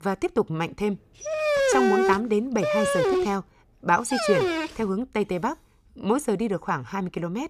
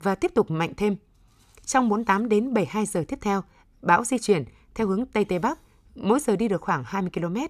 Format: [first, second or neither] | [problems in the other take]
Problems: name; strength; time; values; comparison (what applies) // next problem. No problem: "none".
second | dog barking; loud; from 1 to 4.5 s; peak 5 dB above the speech